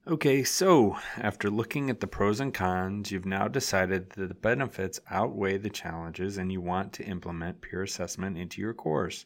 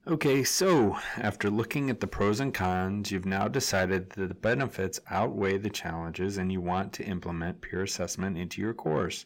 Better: first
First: none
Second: distortion; slight; 10 dB below the speech

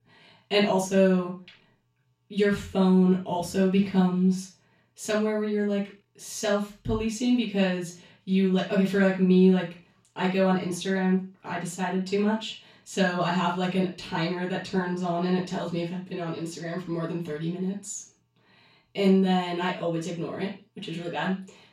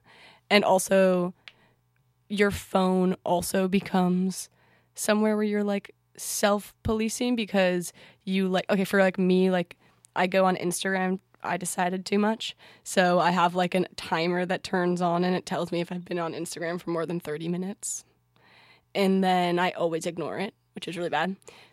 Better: second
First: room echo; noticeable; dies away in 0.3 s // off-mic speech; far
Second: none

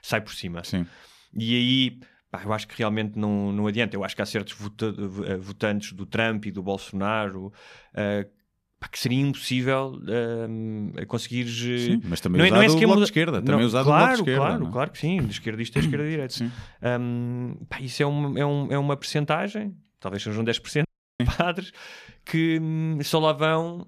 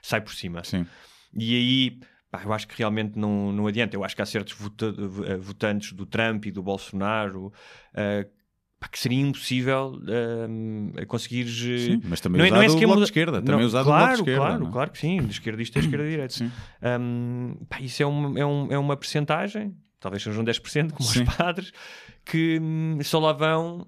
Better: second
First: audio cutting out; at 21 s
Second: none

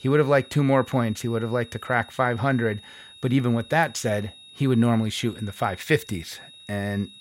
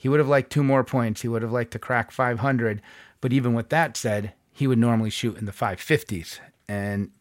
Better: second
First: high-pitched whine; faint; throughout; 4 kHz, 20 dB below the speech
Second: none

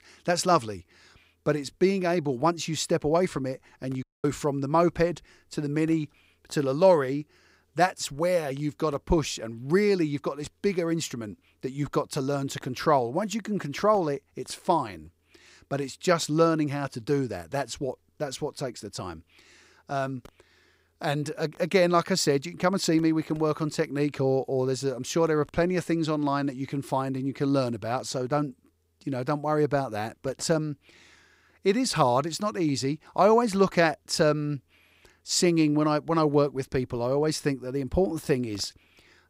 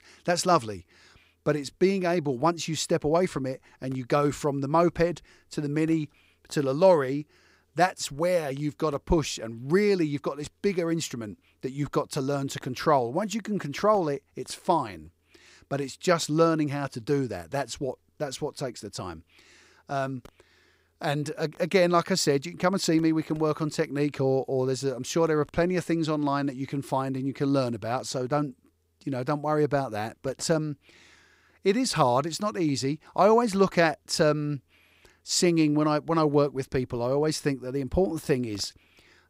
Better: second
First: audio cutting out; at 4 s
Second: none

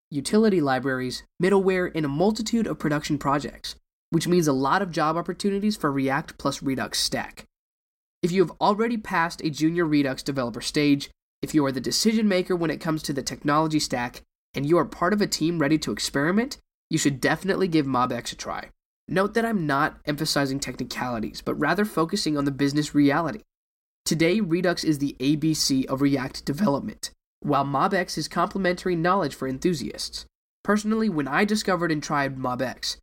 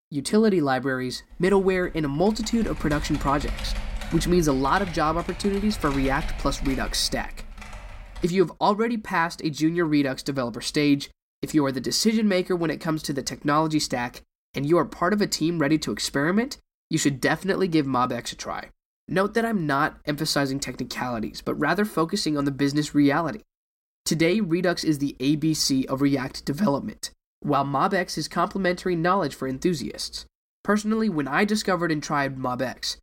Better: first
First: none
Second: keyboard typing; noticeable; from 1.5 to 8.5 s; peak 8 dB below the speech

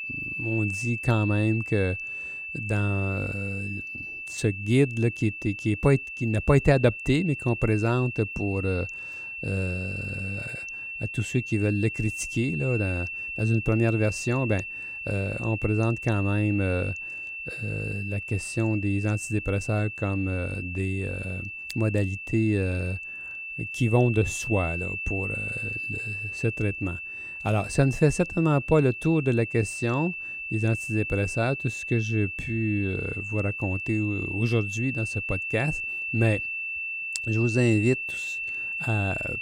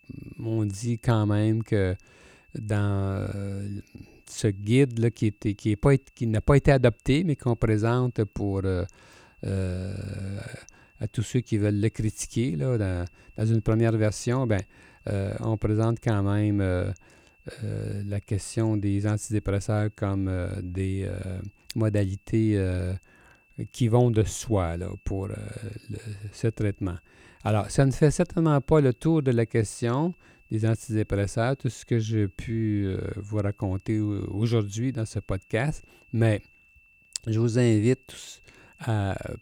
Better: second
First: high-pitched whine; loud; throughout; 2.5 kHz, 6 dB below the speech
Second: high-pitched whine; faint; throughout; 2.5 kHz, 35 dB below the speech

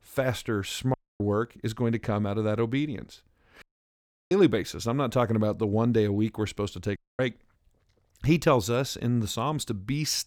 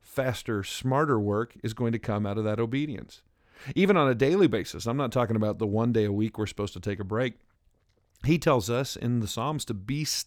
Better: second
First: audio cutting out; at 1 s, at 3.5 s for 0.5 s and at 7 s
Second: none

